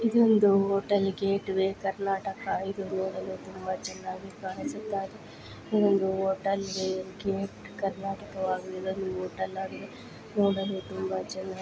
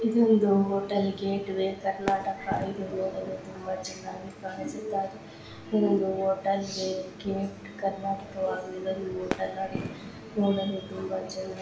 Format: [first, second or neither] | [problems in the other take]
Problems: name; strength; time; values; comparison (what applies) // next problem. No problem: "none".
first | background sound (Fireworks); 11 dB below the speech // room echo; dies away in 0.7 s